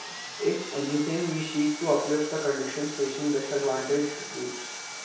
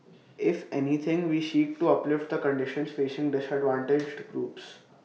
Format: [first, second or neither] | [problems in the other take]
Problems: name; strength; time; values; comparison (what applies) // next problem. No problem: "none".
second | background sound (Sawing); 10 dB below the speech // room echo; dies away in 0.5 s